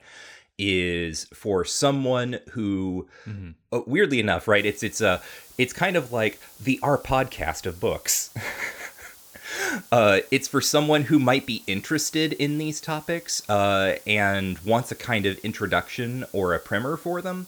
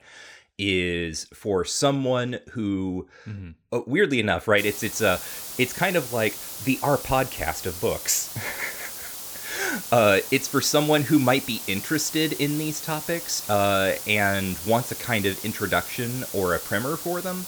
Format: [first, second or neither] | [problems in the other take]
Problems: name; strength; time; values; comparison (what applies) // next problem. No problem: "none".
first | hiss; loud; from 4.5 s on; 8 dB below the speech; faint in the first